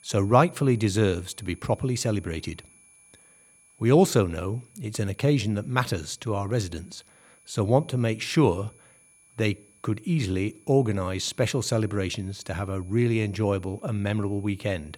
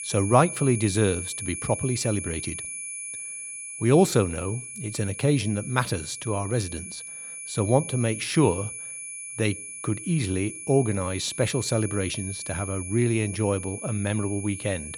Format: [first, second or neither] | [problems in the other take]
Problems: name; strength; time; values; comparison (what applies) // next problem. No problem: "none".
first | high-pitched whine; loud; throughout; 10 kHz, 8 dB below the speech; faint in the first